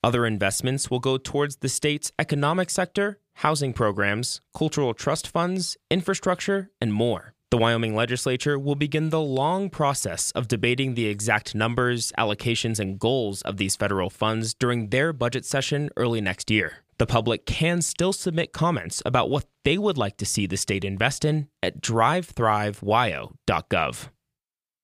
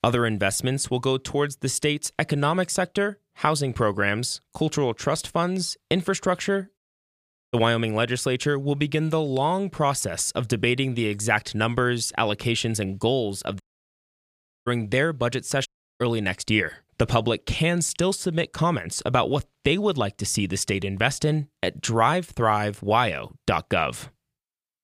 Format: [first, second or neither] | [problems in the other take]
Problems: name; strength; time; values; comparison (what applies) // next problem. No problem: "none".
first | audio cutting out; at 7 s for 1 s, at 14 s for 1 s and at 16 s